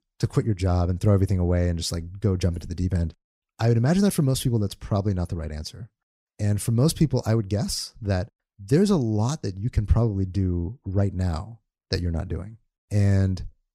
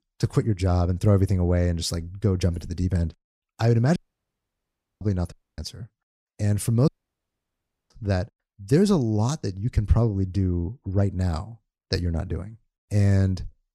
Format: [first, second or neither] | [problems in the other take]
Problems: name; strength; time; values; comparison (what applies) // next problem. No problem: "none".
first | audio cutting out; at 4 s for 1 s, at 5.5 s and at 7 s for 1 s